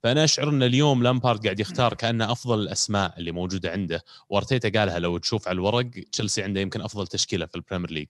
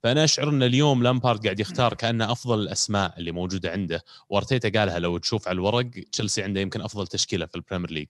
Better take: neither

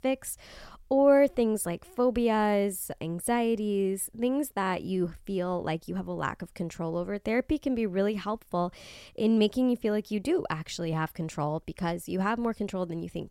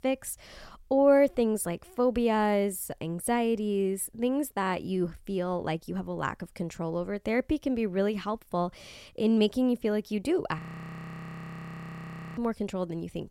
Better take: first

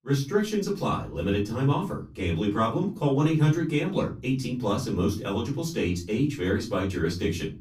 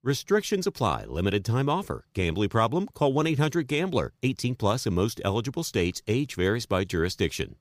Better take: second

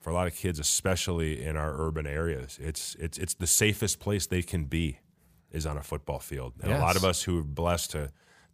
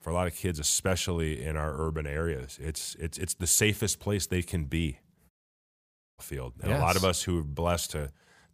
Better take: first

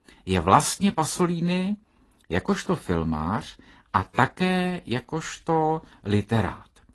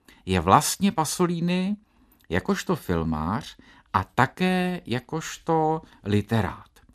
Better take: second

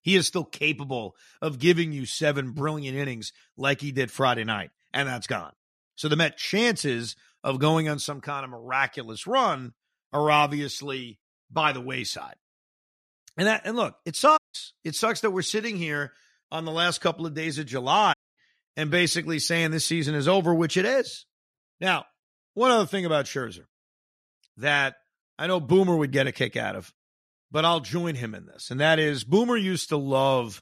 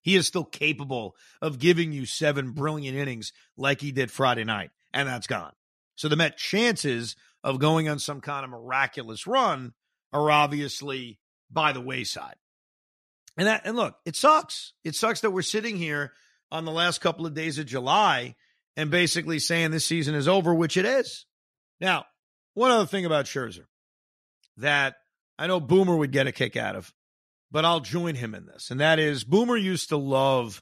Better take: second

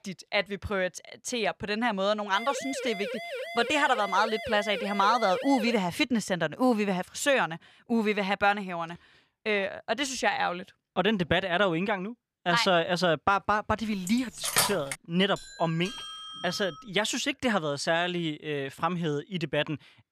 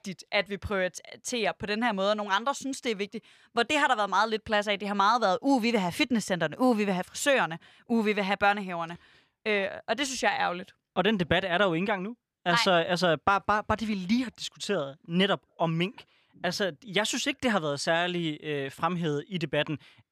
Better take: second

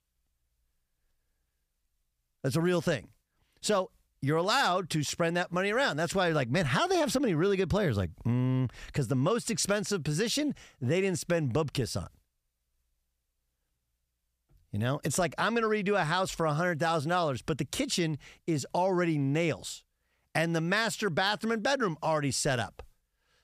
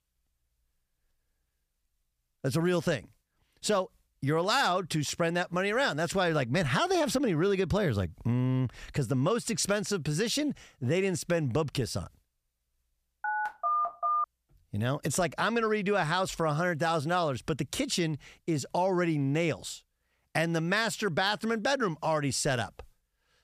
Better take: first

